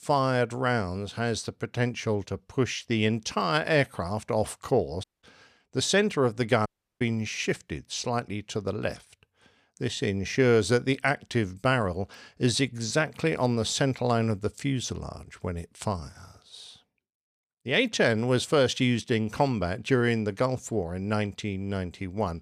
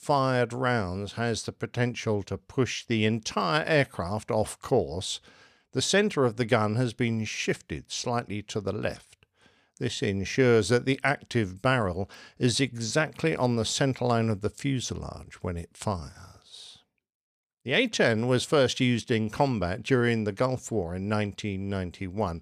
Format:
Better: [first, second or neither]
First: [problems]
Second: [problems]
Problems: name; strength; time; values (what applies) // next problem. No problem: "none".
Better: second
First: audio cutting out; at 5 s and at 6.5 s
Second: none